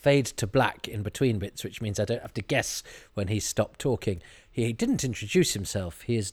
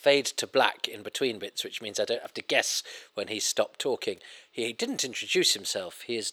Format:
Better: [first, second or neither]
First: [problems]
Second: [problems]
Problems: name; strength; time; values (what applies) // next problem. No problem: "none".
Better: first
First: none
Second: thin; somewhat; fading below 450 Hz